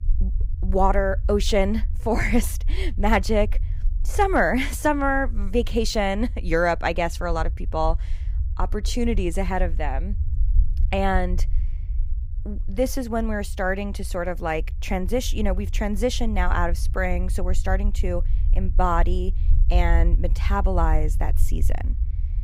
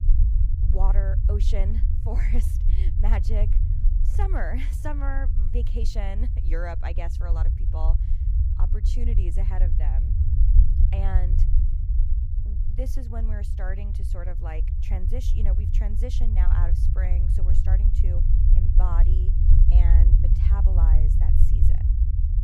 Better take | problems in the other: first | low rumble; loud; throughout; 4 dB below the speech; faint in the first

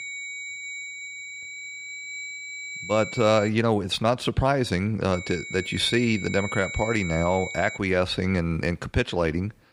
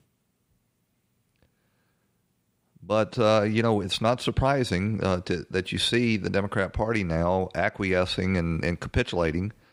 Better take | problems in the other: second | high-pitched whine; loud; until 3.5 s and from 5 to 8 s; 2 kHz, 9 dB below the speech

